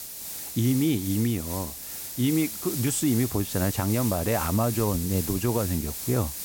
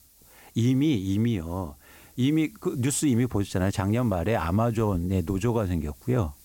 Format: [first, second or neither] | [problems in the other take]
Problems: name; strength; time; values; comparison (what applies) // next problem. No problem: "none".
second | hiss; loud; throughout; 6 dB below the speech; faint in the second